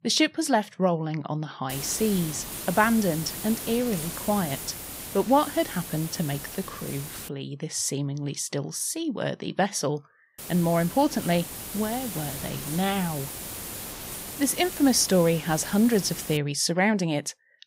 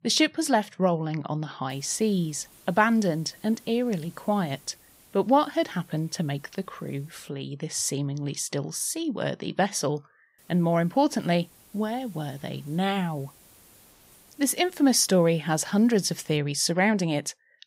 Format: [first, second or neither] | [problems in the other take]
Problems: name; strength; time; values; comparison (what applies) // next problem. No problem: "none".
second | hiss; loud; from 1.5 to 7.5 s and from 10 to 16 s; 9 dB below the speech; faint in the second